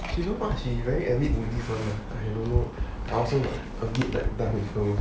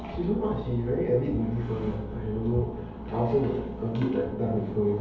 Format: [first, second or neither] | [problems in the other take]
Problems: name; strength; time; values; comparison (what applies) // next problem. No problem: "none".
first | room echo; dies away in 2.2 s